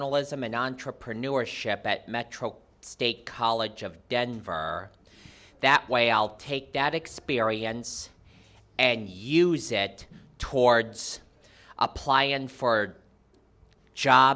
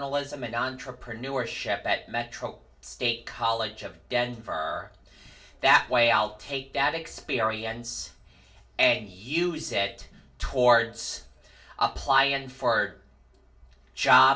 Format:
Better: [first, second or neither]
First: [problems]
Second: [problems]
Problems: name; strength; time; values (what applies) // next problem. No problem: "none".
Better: first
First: none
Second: room echo; dies away in 0.2 s